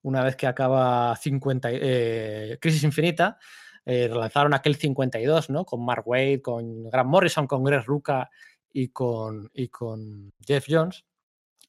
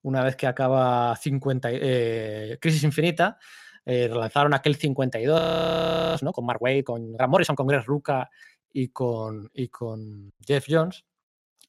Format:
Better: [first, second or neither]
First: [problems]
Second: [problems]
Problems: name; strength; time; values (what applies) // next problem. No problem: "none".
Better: first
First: none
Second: audio freezing; at 5.5 s for 1 s